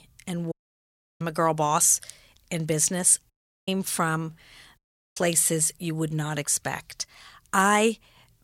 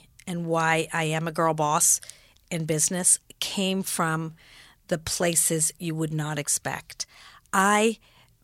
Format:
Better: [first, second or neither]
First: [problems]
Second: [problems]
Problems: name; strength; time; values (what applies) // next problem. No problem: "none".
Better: second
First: audio cutting out; at 0.5 s for 0.5 s, at 3.5 s and at 5 s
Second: none